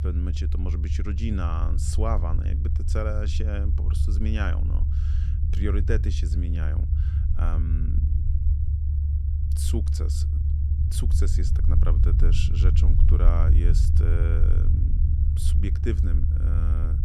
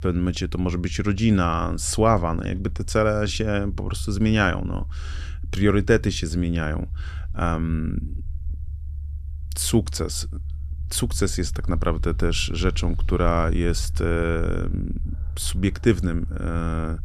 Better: second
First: low rumble; loud; throughout; 4 dB below the speech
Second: low rumble; faint; throughout; 25 dB below the speech

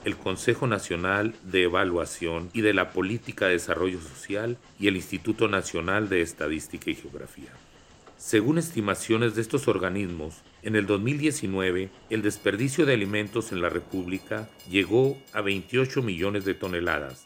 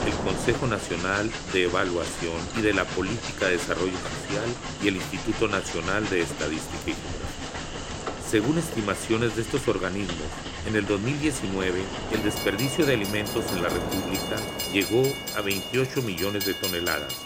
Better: first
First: train or aircraft noise; faint; throughout; 25 dB below the speech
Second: train or aircraft noise; loud; throughout; 5 dB below the speech

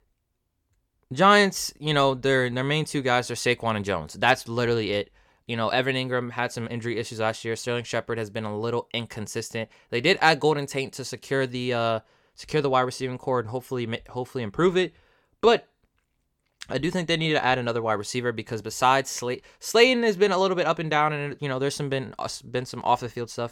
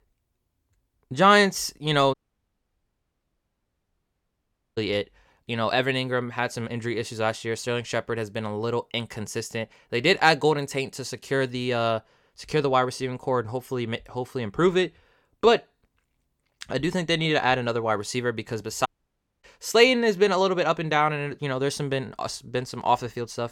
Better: first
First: none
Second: audio cutting out; at 2 s for 2.5 s and at 19 s for 0.5 s

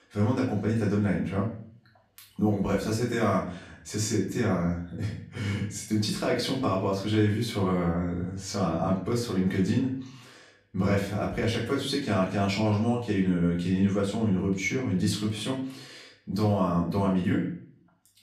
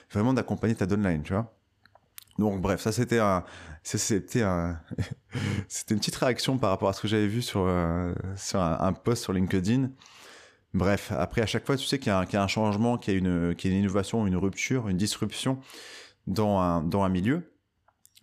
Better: second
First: room echo; noticeable; dies away in 0.5 s // off-mic speech; far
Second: none

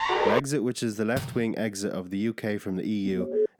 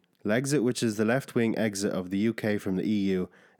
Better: second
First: siren; loud; at the start; peak 5 dB above the speech // door banging; noticeable; at 1 s; peak 7 dB below the speech // alarm; loud; at 3 s; peak 2 dB above the speech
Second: none

